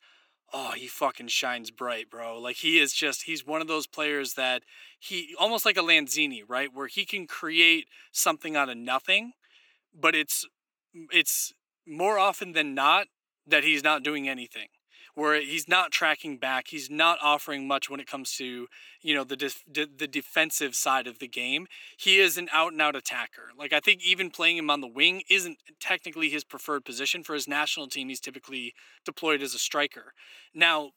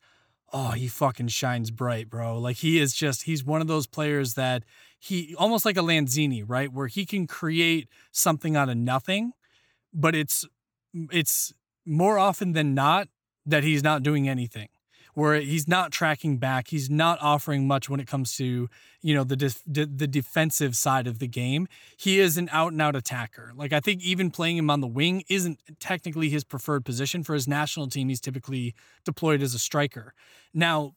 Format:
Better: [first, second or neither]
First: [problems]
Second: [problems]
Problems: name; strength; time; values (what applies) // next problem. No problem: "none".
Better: second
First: thin; somewhat; fading below 300 Hz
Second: none